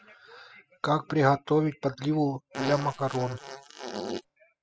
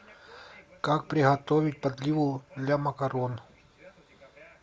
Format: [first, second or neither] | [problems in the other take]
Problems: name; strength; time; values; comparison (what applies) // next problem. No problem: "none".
second | noise reduction (classical method spectral subtraction)